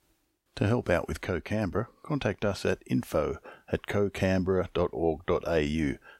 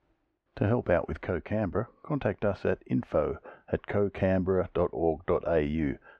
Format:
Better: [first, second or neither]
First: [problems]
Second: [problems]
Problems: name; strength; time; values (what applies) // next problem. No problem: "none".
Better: first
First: none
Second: muffled; very; fading above 2 kHz